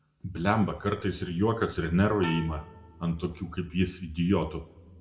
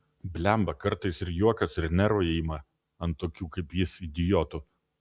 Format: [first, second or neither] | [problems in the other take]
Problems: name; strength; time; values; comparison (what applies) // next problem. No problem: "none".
second | background sound (Bowed string instrument); 15 dB below the speech // room echo; dies away in 0.8 s